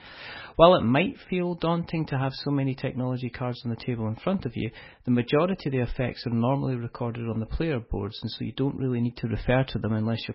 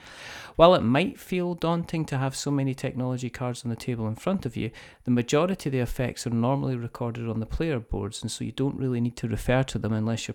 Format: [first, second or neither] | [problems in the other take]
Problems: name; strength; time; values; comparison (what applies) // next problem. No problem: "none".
second | garbled, watery; badly; nothing above 5.5 kHz